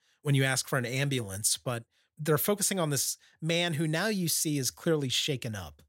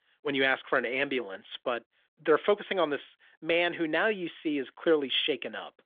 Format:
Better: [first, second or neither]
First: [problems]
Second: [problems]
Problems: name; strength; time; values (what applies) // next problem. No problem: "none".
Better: first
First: none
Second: phone-call audio; nothing above 3.5 kHz